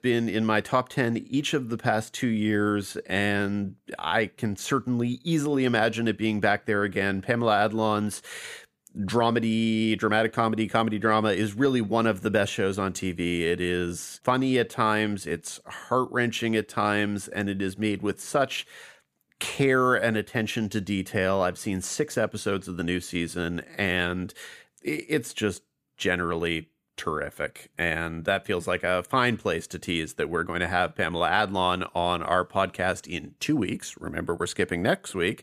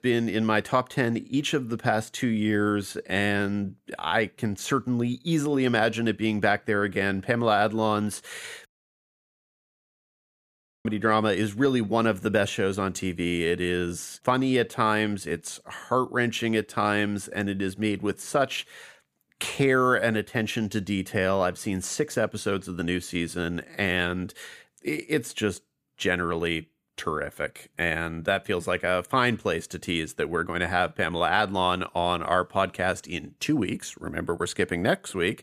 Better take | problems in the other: first | audio cutting out; at 8.5 s for 2 s

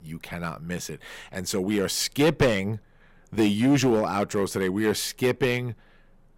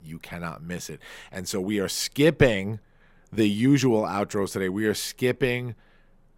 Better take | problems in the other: second | distortion; slight; 4% of the sound clipped

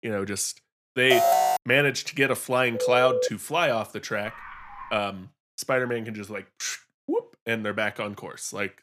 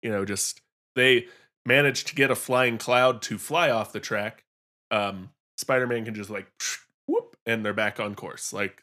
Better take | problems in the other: second | alarm; loud; at 1 s; peak 5 dB above the speech // phone ringing; loud; at 2.5 s; peak 2 dB above the speech // dog barking; faint; at 4 s; peak 15 dB below the speech

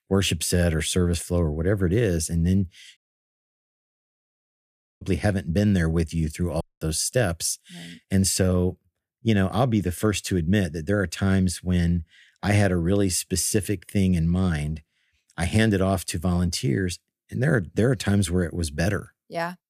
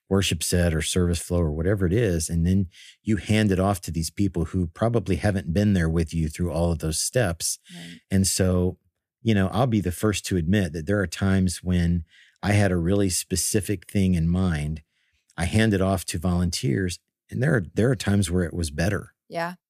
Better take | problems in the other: second | audio cutting out; at 3 s for 2 s and at 6.5 s

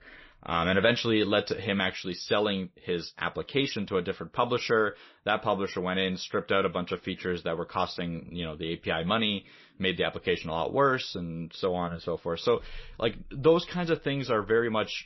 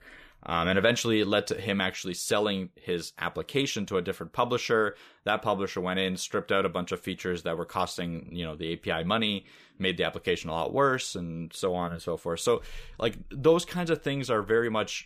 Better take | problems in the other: second | garbled, watery; slightly; nothing above 5.5 kHz

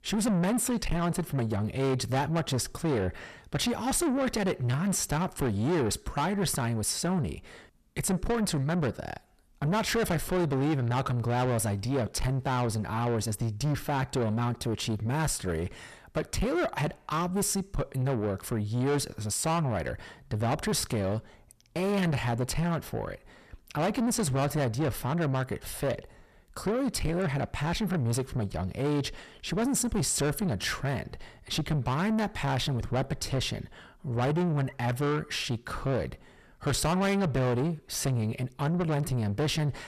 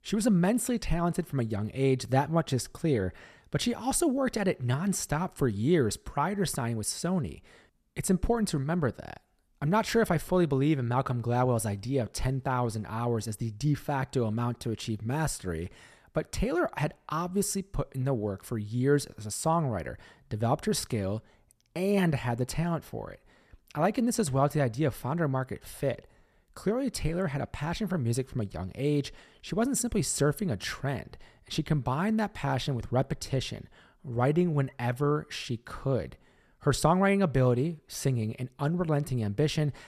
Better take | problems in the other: second | distortion; heavy; 7 dB below the speech

